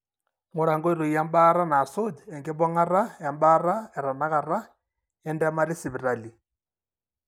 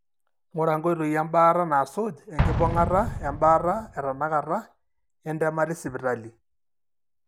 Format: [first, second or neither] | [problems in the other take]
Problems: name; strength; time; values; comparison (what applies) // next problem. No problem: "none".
first | background sound (Explosion); 9 dB below the speech